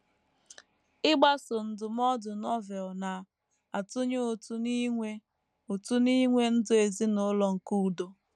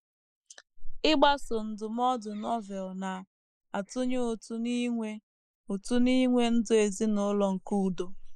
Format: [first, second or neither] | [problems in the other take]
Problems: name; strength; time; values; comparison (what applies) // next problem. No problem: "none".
first | noise reduction (neural mask model Resemble Enhance denoiser)